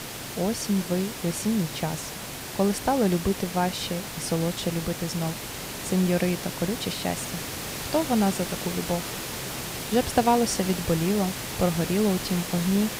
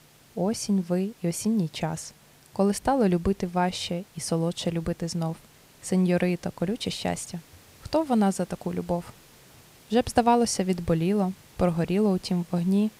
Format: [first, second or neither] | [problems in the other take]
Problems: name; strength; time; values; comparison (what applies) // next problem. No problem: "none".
second | hiss; loud; throughout; 6 dB below the speech; faint in the second